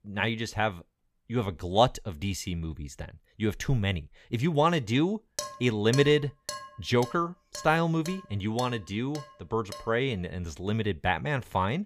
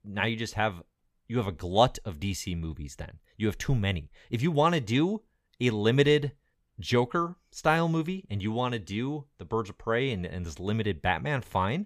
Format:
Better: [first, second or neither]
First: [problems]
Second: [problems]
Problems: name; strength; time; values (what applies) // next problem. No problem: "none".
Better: second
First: clattering dishes; noticeable; from 5.5 to 10 s; peak 8 dB below the speech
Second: none